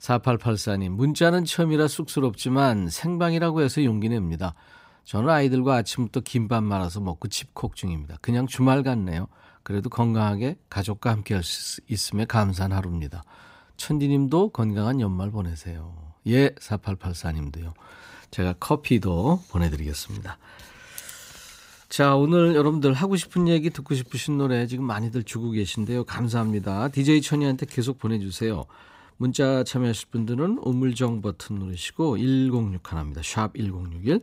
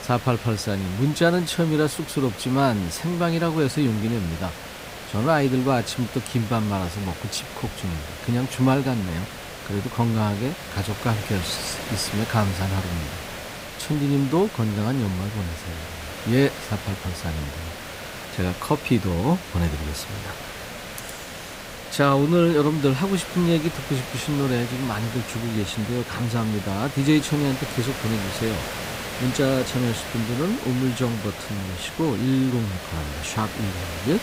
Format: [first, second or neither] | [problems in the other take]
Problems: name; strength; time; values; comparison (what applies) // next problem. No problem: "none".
first | hiss; loud; throughout; 9 dB below the speech